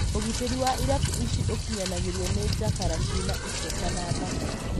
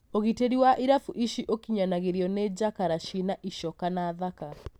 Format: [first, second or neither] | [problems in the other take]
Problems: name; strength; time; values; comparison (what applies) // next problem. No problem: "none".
second | background sound (Rain); 5 dB above the speech